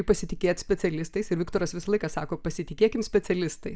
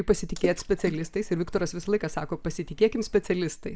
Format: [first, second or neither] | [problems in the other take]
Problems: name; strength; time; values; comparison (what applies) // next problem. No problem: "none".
first | background sound (Water / Splash, splatter); 15 dB below the speech